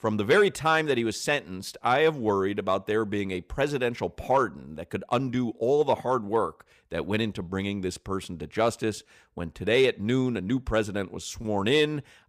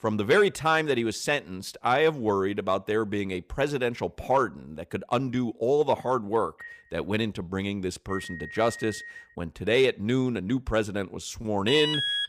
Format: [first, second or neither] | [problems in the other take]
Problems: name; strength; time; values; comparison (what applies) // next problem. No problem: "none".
first | phone ringing; faint; from 6.5 to 9.5 s; peak 10 dB below the speech // alarm; loud; at 12 s; peak 2 dB above the speech